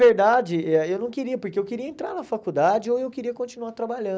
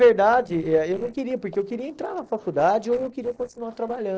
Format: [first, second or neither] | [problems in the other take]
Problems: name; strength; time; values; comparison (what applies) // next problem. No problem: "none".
first | noise reduction (neural separator model SepFormer DNS4)